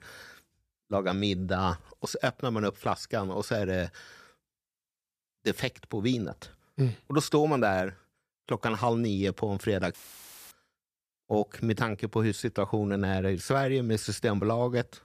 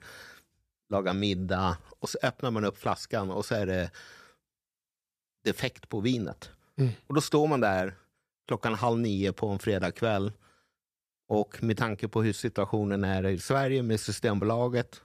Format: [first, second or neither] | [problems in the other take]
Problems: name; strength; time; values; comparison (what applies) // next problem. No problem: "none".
second | audio cutting out; filled with static; at 10 s for 0.5 s